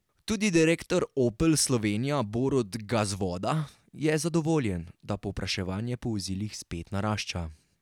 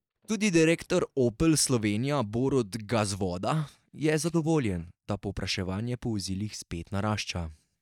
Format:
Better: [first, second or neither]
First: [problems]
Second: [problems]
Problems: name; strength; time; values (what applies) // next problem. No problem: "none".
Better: first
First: none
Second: noise reduction (neural mask model DeepFilterNet 3)